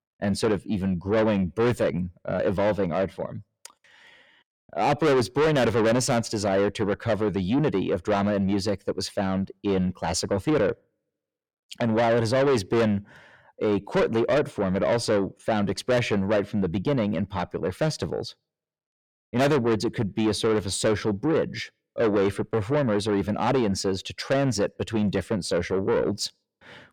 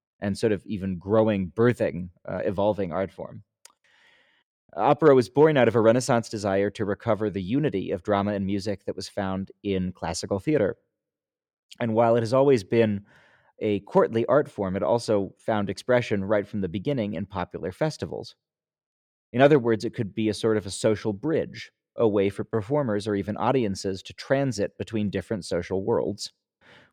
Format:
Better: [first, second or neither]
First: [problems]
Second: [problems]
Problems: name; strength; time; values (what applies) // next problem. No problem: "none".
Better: second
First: distortion; heavy; 6 dB below the speech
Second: none